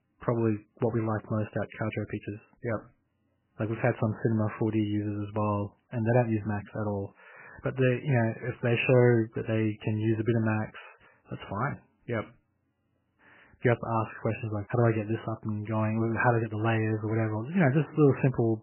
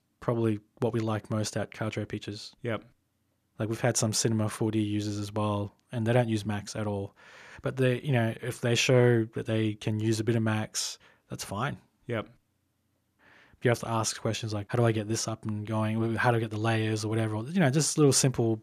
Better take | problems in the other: second | garbled, watery; badly; nothing above 3 kHz

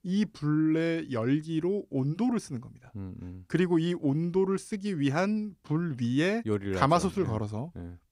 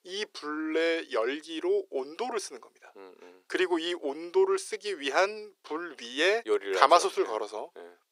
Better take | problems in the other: first | thin; very; fading below 400 Hz

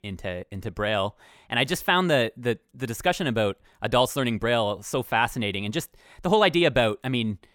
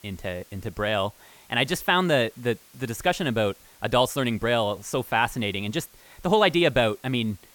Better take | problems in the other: first | hiss; faint; throughout; 25 dB below the speech

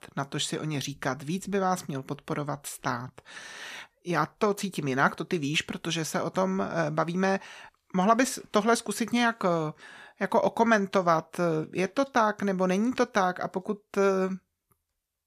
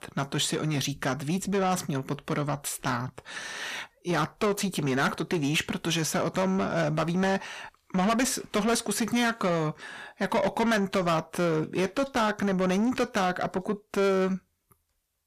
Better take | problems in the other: first | distortion; heavy; 7 dB below the speech

